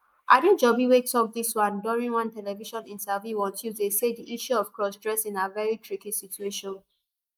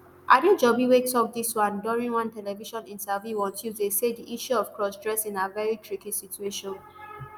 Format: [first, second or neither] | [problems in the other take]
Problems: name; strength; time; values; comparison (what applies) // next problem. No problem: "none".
second | noise reduction (neural mask model Resemble Enhance denoiser)